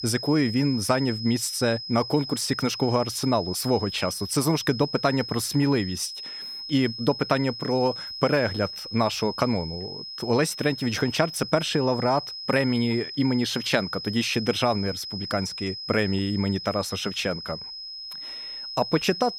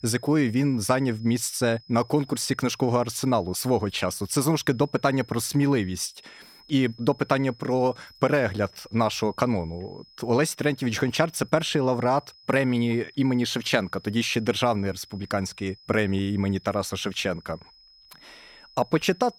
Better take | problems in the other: second | high-pitched whine; loud; throughout; 5 kHz, 8 dB below the speech; faint in the second

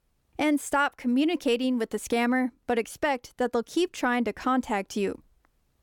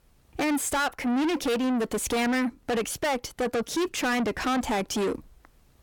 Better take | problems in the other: first | distortion; heavy; 7 dB below the speech

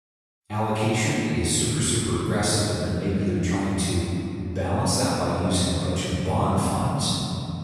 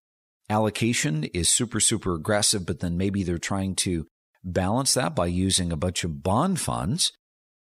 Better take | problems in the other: second | off-mic speech; far // room echo; strong; dies away in 3 s

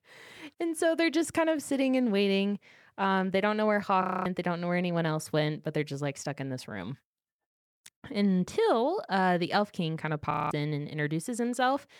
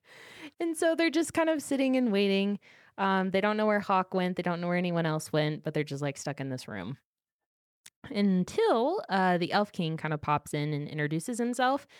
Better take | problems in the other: second | audio freezing; at 4 s and at 10 s

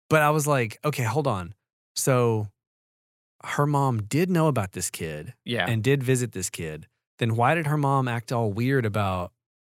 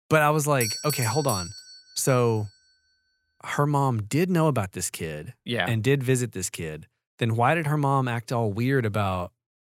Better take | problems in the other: first | doorbell; noticeable; from 0.5 to 2 s; peak 3 dB below the speech

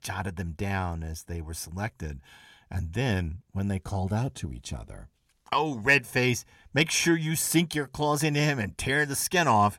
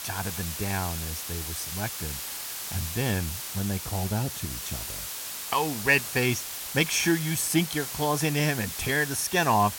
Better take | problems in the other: first | hiss; loud; throughout; 5 dB below the speech

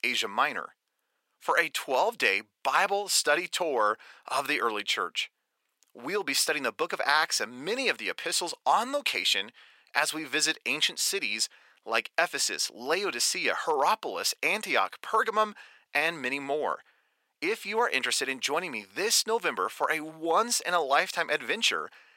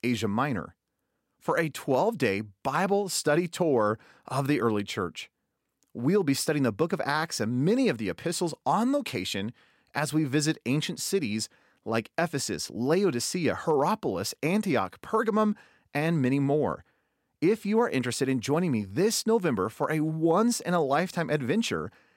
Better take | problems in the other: second | thin; very; fading below 700 Hz

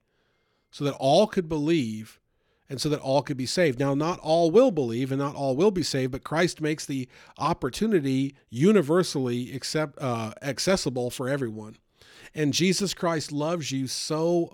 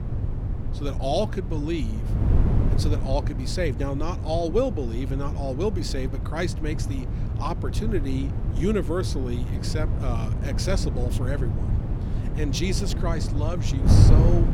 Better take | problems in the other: first | wind noise on the microphone; heavy; 7 dB below the speech

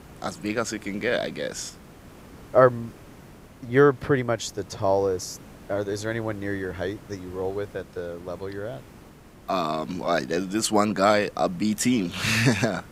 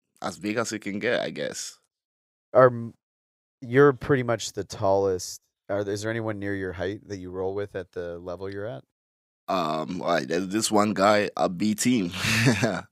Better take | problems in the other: second | hiss; faint; throughout; 20 dB below the speech

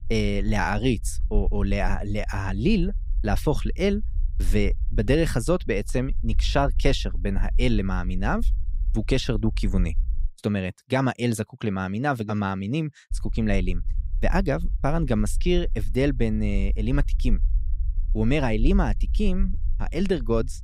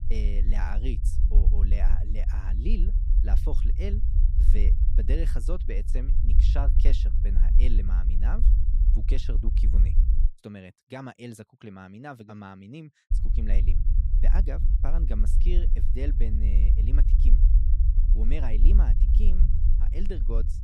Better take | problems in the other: first | low rumble; loud; until 10 s and from 13 s on; 5 dB below the speech; faint in the first

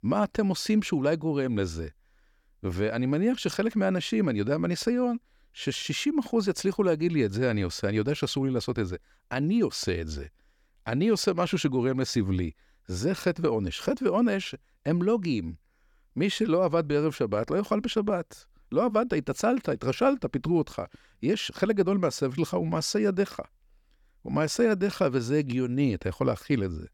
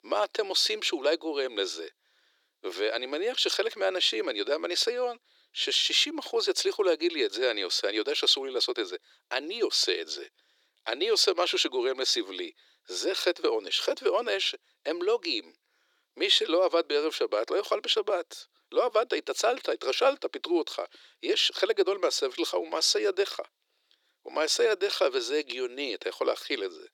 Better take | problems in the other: first | thin; very; fading below 350 Hz

